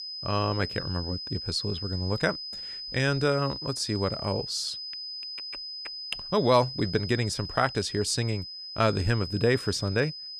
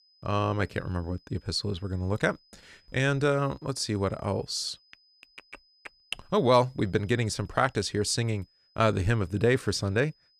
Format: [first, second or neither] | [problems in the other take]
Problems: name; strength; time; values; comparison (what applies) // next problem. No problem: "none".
second | high-pitched whine; loud; throughout; 5 kHz, 7 dB below the speech; faint in the second